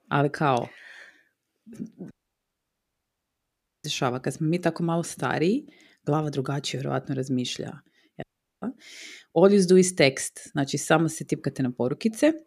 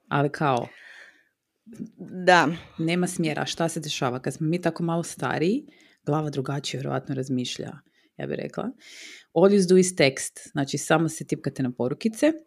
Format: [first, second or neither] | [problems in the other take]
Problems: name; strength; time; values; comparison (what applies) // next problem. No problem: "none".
second | audio cutting out; at 2 s for 1.5 s and at 8 s